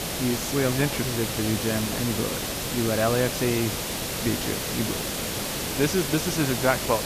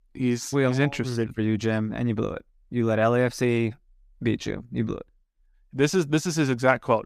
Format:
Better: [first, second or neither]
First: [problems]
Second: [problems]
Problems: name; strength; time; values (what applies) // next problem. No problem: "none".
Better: second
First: hiss; loud; throughout; 1 dB below the speech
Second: none